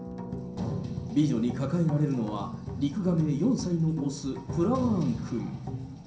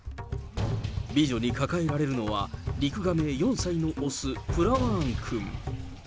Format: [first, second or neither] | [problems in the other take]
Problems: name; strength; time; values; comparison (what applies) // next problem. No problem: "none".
second | background sound (Harp); 16 dB below the speech // room echo; dies away in 0.6 s